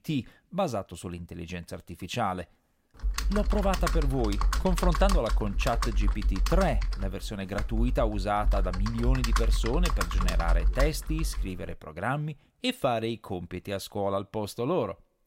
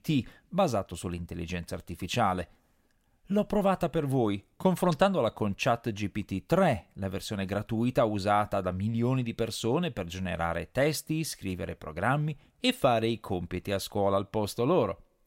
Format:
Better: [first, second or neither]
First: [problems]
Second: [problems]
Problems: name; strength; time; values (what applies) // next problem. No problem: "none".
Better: second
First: keyboard typing; loud; from 3 to 12 s; peak 4 dB above the speech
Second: none